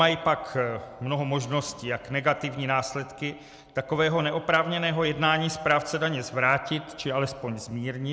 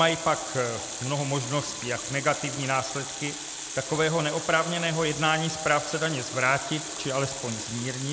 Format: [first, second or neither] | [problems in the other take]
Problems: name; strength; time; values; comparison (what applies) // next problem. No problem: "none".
first | background sound (Water tap, faucet); 8 dB below the speech